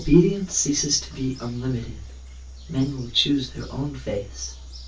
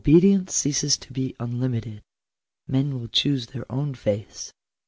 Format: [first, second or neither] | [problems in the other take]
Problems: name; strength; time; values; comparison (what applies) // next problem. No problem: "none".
second | background sound (Bird vocalization, bird call, bird song); 16 dB below the speech // room echo; dies away in 0.1 s